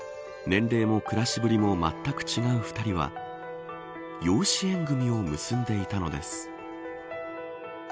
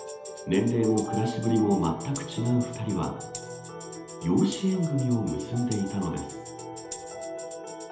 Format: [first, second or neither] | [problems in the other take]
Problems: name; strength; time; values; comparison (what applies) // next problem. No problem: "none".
first | background sound (Tambourine); 17 dB below the speech // room echo; dies away in 0.8 s